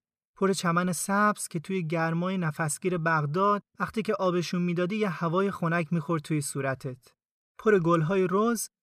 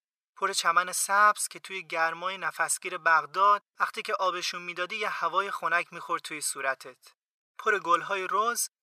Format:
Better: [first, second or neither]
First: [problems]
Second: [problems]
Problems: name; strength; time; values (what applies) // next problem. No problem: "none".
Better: first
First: none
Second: thin; very; fading below 900 Hz